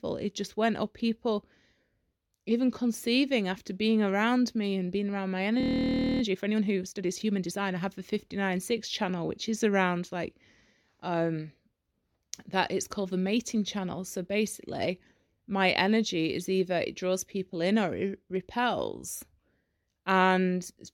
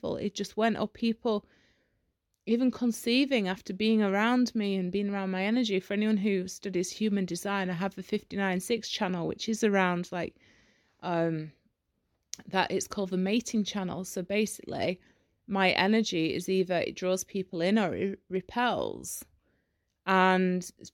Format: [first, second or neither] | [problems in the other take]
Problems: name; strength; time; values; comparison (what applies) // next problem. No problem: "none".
second | audio freezing; at 5.5 s for 0.5 s